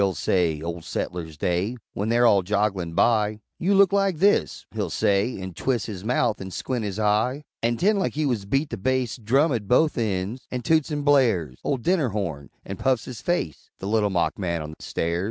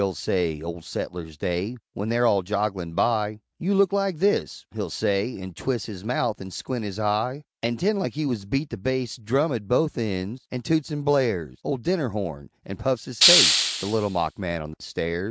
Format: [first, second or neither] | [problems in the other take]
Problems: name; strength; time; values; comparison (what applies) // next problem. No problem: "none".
first | background sound (Hiss); 4 dB above the speech